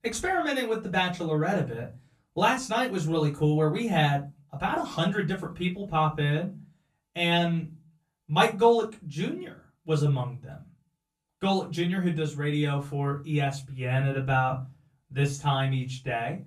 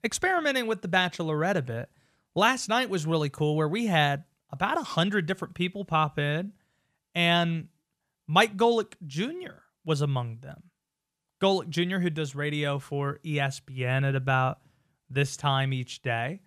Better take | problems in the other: second | off-mic speech; far // room echo; very slight; dies away in 0.2 s

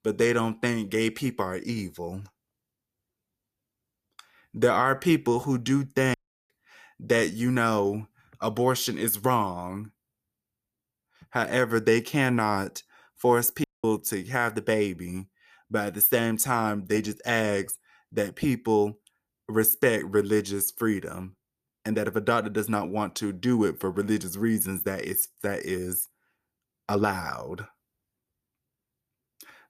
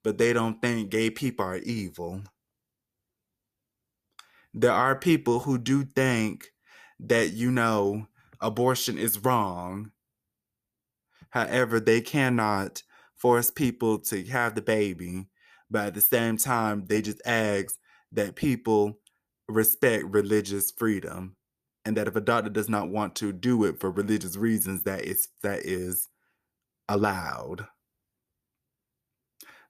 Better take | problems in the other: second | audio cutting out; at 6 s and at 14 s

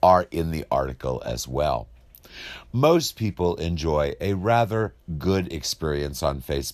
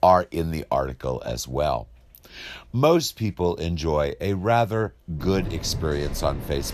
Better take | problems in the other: first | rain or running water; loud; from 5.5 s on; 10 dB below the speech

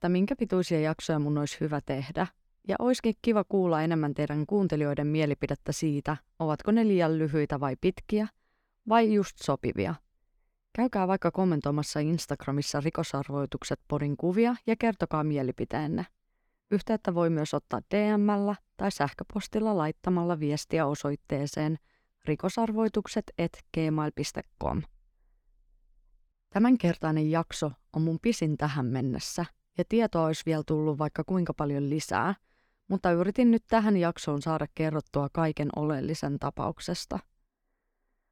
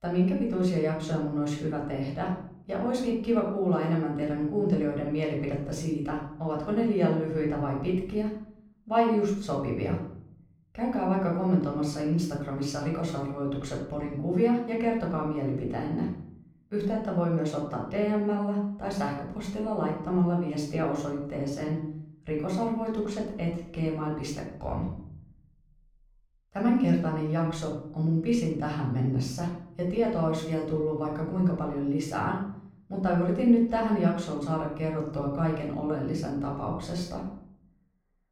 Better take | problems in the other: first | off-mic speech; far // room echo; noticeable; dies away in 0.7 s

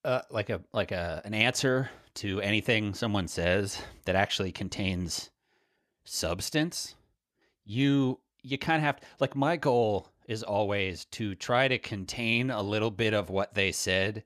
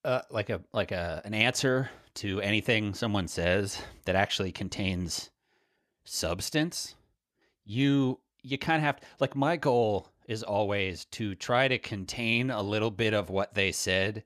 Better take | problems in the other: neither | none

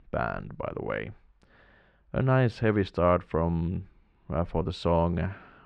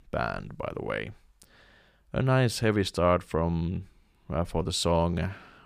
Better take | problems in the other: second | muffled; slightly; fading above 2 kHz

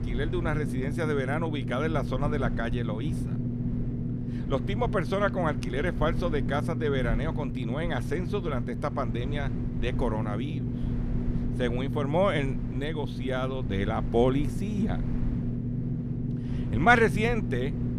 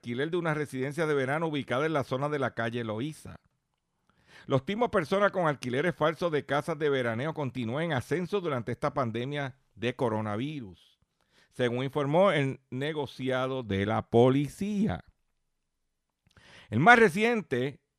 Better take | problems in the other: second | low rumble; noticeable; throughout; 10 dB below the speech

